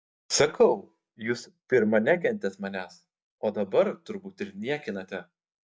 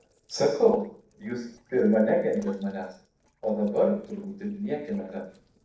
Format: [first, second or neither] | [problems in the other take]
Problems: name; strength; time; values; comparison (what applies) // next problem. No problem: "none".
first | noise reduction (neural separator model SepFormer DNS4)